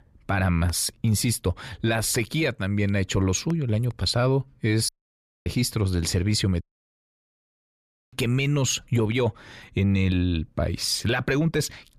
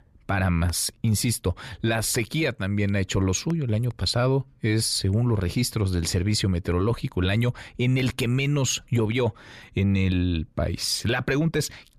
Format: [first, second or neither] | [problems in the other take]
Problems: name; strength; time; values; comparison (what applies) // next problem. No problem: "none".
second | audio cutting out; at 5 s for 0.5 s and at 6.5 s for 1.5 s